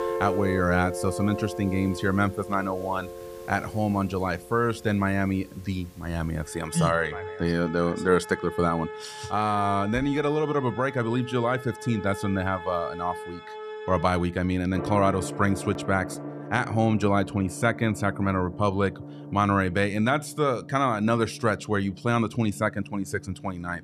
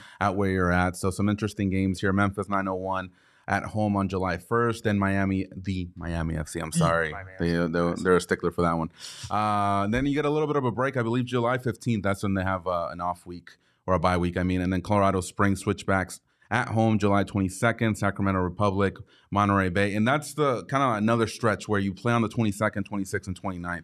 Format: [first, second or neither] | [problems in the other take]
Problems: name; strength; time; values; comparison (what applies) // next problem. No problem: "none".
second | background music; noticeable; throughout; 10 dB below the speech